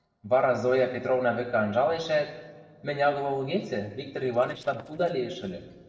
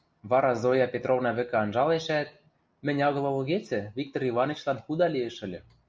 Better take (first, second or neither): second